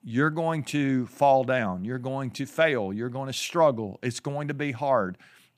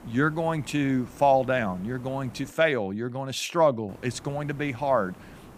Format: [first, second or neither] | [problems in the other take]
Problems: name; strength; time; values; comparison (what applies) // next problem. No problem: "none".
first | hiss; faint; until 2.5 s and from 4 s on; 20 dB below the speech